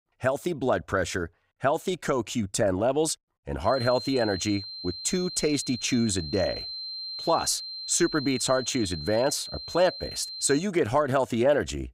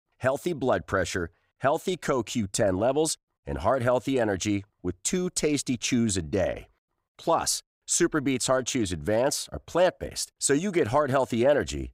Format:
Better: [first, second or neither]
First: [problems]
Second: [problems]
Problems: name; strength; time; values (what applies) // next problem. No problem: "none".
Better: second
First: high-pitched whine; loud; from 3.5 to 11 s; 4 kHz, 9 dB below the speech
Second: none